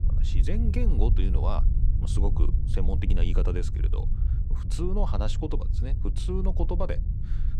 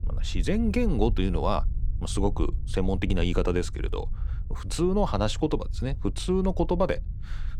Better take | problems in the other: second | low rumble; loud; throughout; 8 dB below the speech; faint in the second

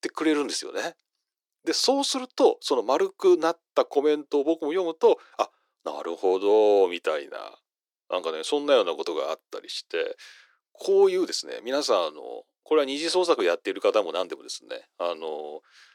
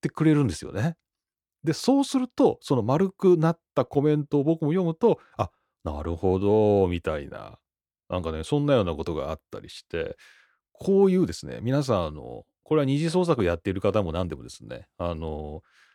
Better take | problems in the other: second | thin; somewhat; fading below 350 Hz

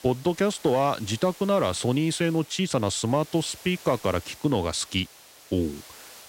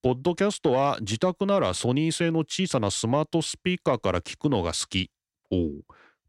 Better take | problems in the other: second | hiss; noticeable; throughout; 20 dB below the speech

